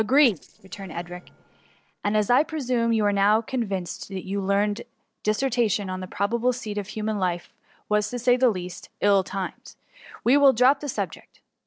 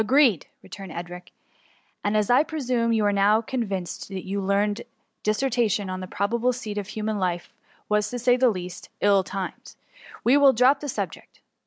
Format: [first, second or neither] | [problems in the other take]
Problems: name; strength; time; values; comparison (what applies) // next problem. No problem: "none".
second | noise reduction (neural separator model SepFormer DNS4)